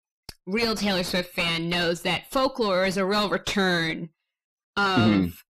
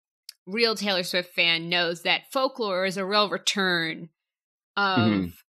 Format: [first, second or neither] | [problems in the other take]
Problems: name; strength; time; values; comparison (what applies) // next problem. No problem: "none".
second | distortion; heavy; 4 dB below the speech